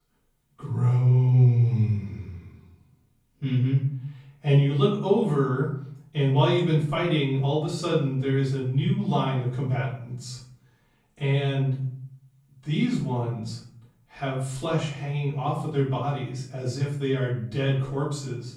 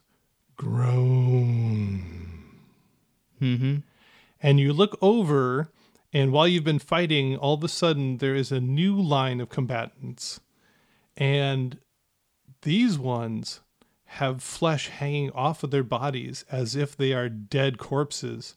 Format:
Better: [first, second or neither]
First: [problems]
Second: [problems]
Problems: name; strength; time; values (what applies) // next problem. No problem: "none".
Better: second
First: off-mic speech; far // room echo; noticeable; dies away in 0.6 s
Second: none